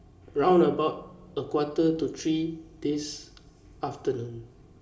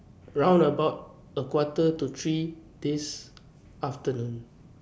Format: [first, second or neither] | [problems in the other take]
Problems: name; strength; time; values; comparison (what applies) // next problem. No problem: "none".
second | room echo; dies away in 1.3 s